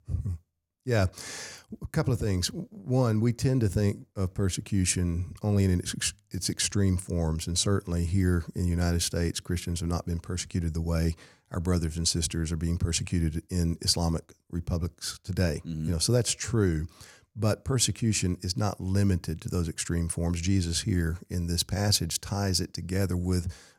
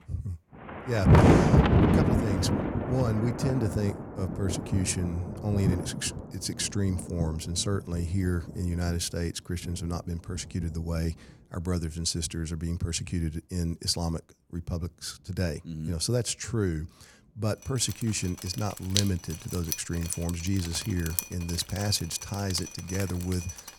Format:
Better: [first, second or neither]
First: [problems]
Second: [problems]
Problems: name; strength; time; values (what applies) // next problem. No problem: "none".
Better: first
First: none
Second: rain or running water; very loud; throughout; 3 dB above the speech